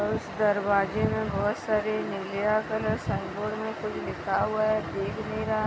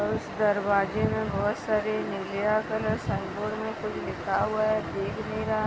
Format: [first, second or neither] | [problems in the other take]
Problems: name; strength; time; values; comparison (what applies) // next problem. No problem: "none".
first | background sound (Car passing by / Race car, auto racing); 17 dB below the speech